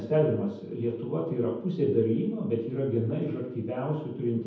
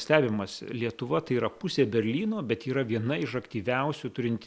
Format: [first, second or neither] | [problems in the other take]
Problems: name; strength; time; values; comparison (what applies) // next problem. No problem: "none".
second | room echo; dies away in 0.9 s